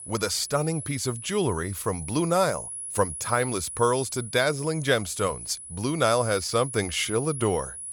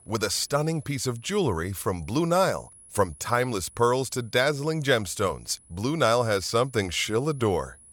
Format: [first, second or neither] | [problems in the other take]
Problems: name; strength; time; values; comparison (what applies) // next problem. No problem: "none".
second | high-pitched whine; loud; throughout; 10.5 kHz, 9 dB below the speech; faint in the second